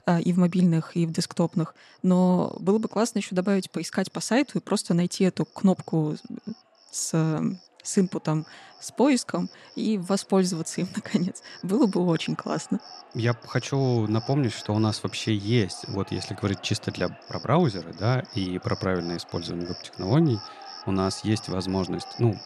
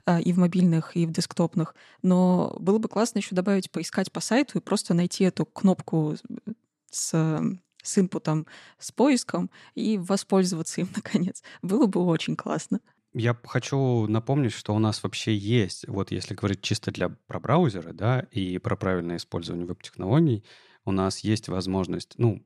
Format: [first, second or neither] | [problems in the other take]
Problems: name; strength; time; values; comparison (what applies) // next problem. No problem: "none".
second | animal sounds; noticeable; throughout; 15 dB below the speech